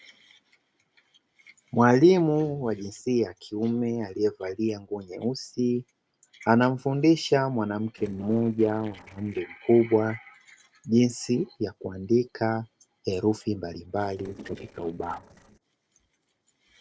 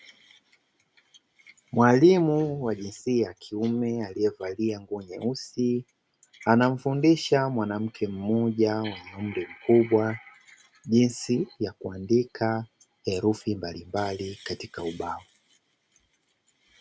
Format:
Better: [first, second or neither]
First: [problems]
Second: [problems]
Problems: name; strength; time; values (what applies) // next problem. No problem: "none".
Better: second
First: noise reduction (neural separator model SepFormer DNS4)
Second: none